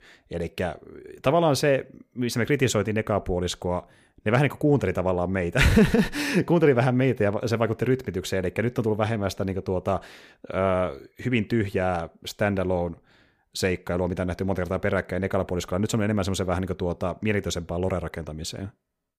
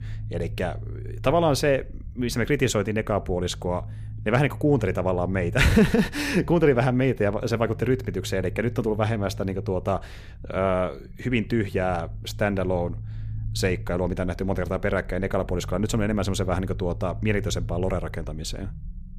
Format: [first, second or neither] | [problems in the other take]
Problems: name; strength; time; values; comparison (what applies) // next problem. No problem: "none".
first | low rumble; faint; throughout; 25 dB below the speech